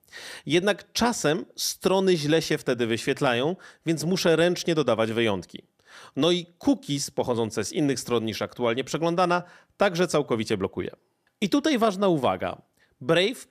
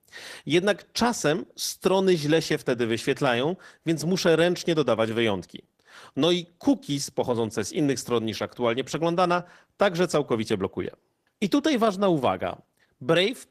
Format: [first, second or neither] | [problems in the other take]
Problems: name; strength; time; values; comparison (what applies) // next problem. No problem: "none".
first | garbled, watery; slightly; nothing above 14.5 kHz